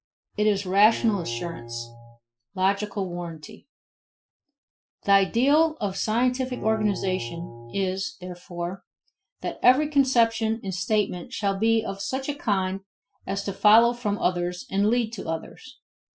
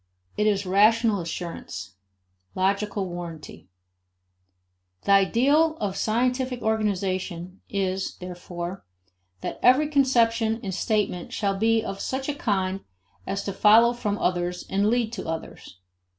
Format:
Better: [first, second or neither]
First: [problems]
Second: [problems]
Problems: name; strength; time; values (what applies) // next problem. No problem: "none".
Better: second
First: noise reduction (classical method Wiener filter)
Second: none